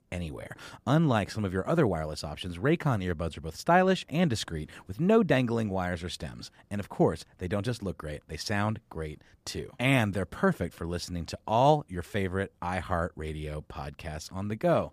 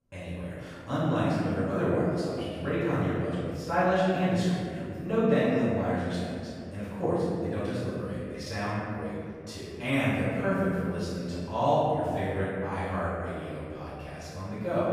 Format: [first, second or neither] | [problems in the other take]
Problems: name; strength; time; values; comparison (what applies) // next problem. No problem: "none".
first | off-mic speech; far // room echo; strong; dies away in 2.2 s